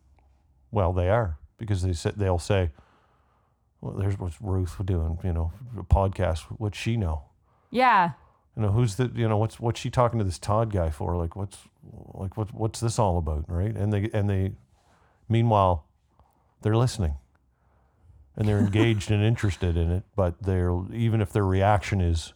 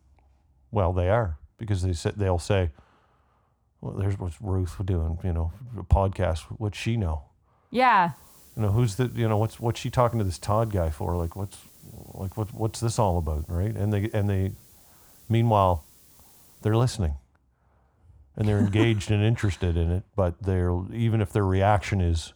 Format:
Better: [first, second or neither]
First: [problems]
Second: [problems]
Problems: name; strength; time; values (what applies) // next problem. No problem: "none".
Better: first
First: none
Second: hiss; faint; from 8 to 17 s; 25 dB below the speech